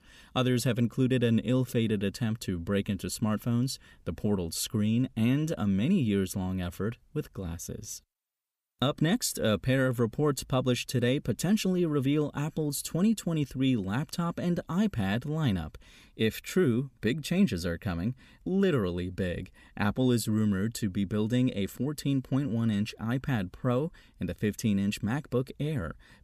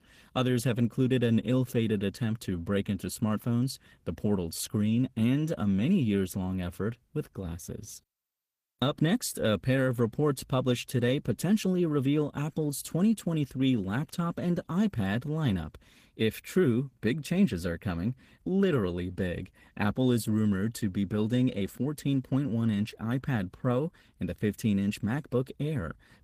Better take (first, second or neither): first